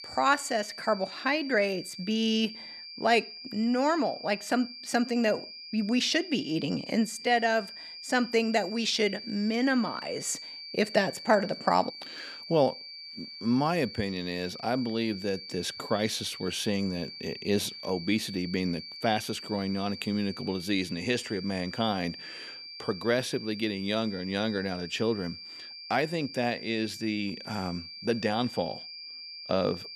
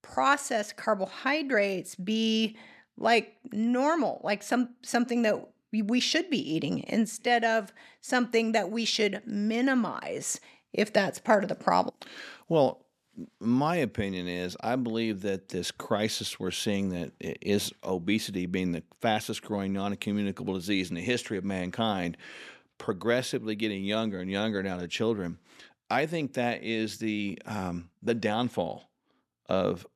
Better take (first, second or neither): second